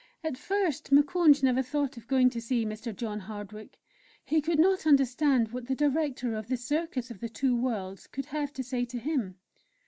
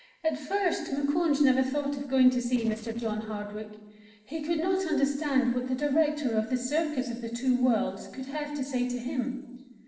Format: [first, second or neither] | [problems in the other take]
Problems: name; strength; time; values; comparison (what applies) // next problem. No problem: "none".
first | noise reduction (neural separator model SepFormer DNS4)